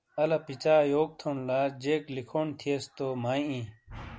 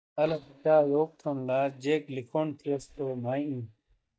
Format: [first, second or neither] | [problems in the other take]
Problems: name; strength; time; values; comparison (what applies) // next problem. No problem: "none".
first | noise reduction (neural mask model DeepFilterNet 3)